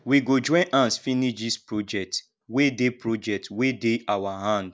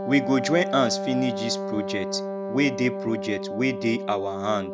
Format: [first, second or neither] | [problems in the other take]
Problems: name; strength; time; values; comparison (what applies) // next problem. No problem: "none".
first | background sound (Wind instrument, woodwind instrument); 5 dB below the speech